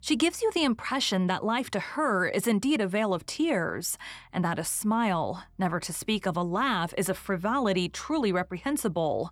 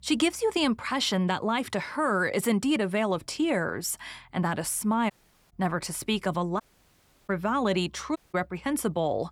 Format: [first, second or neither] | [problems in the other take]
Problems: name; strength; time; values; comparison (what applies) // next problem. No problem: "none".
first | audio cutting out; at 5 s, at 6.5 s for 0.5 s and at 8 s